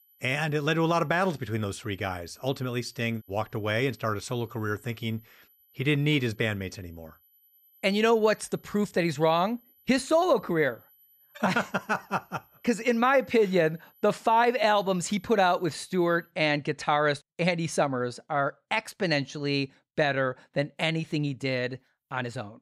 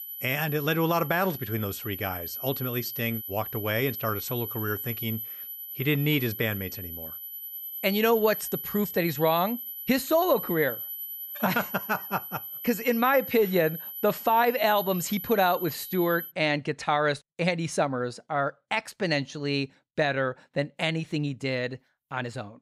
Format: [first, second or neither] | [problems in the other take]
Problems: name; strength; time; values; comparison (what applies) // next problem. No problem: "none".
first | high-pitched whine; loud; until 16 s; 12 kHz, 7 dB below the speech; faint in the first